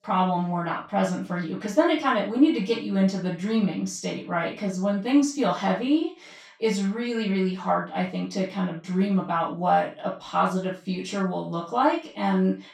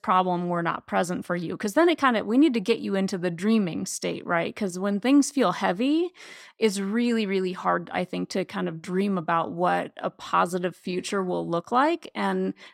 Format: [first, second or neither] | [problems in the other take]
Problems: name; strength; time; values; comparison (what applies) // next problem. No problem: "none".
second | room echo; noticeable; dies away in 0.3 s // off-mic speech; far